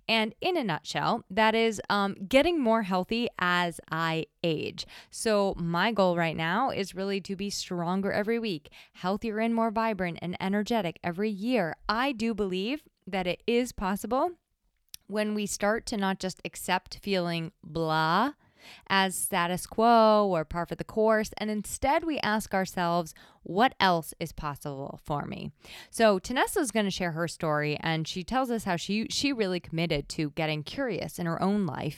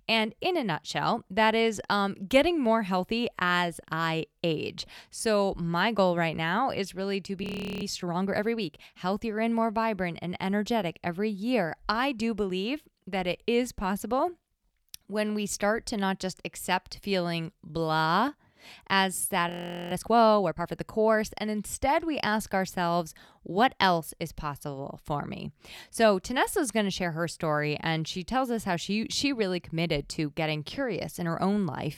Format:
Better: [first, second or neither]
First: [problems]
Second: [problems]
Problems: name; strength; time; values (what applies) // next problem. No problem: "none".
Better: first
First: none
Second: audio freezing; at 7.5 s and at 20 s